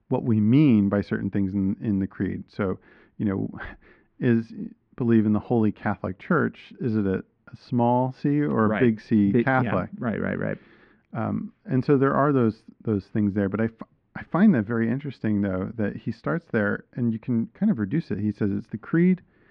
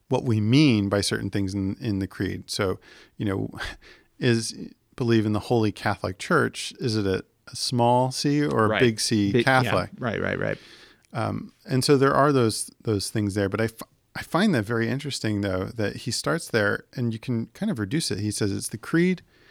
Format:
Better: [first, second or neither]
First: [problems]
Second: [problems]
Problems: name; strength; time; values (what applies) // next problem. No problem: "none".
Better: second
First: muffled; very; fading above 2 kHz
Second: none